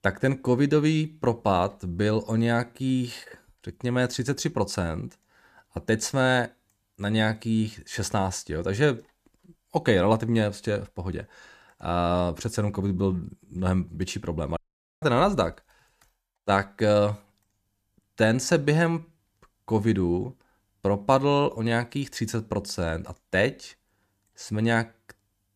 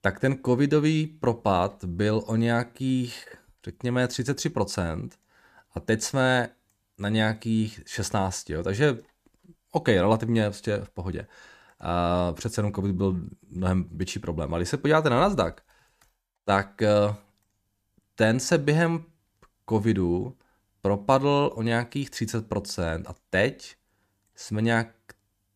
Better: second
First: audio cutting out; at 15 s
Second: none

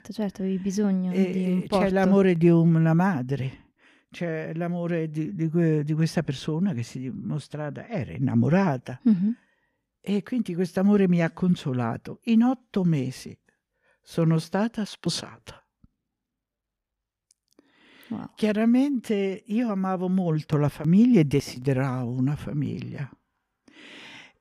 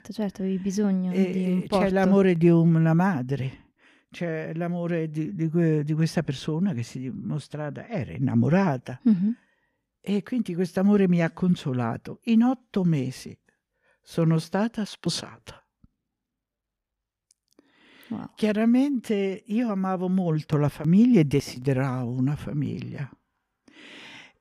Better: neither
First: none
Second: none

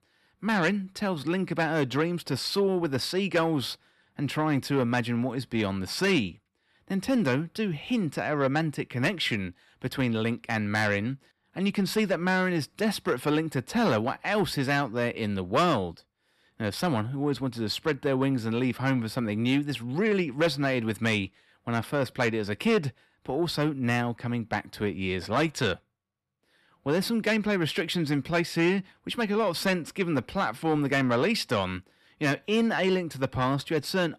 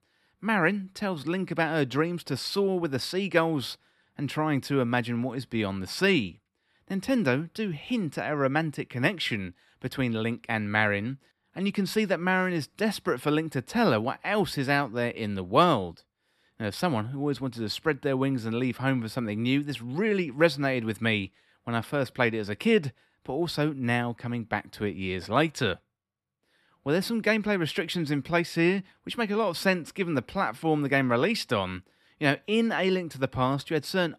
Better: second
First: distortion; slight; 10 dB below the speech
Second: none

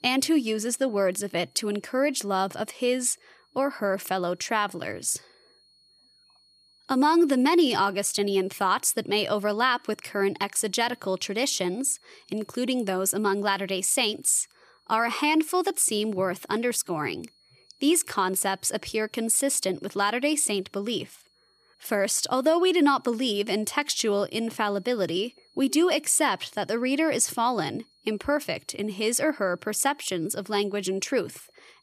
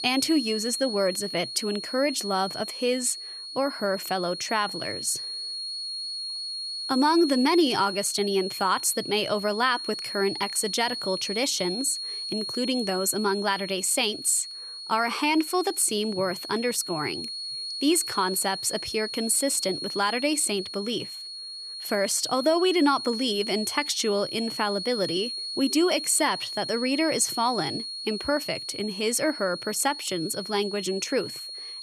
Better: first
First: high-pitched whine; faint; throughout; 4.5 kHz, 35 dB below the speech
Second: high-pitched whine; loud; throughout; 4.5 kHz, 6 dB below the speech

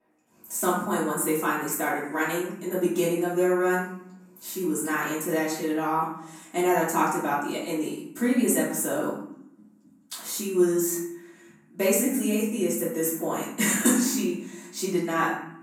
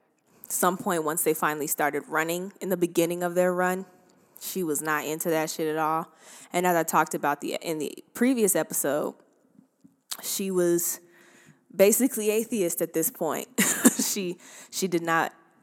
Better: second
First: room echo; noticeable; dies away in 0.6 s // off-mic speech; far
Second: none

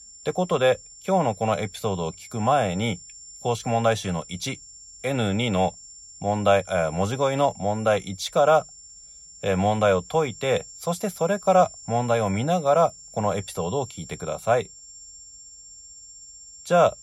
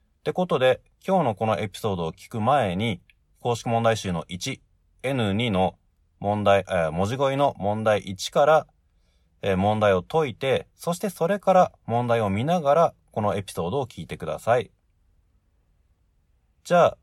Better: second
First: high-pitched whine; noticeable; throughout; 7.5 kHz, 20 dB below the speech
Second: none

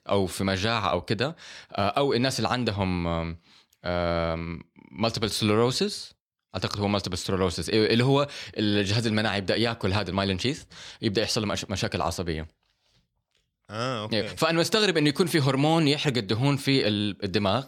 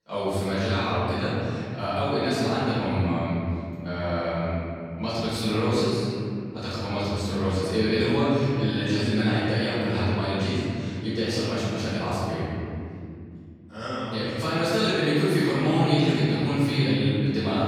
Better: first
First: none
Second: room echo; strong; dies away in 3 s // off-mic speech; far

